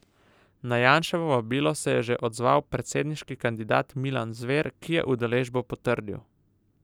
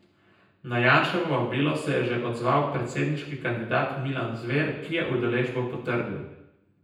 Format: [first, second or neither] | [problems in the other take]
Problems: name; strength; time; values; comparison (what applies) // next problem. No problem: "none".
first | room echo; dies away in 0.9 s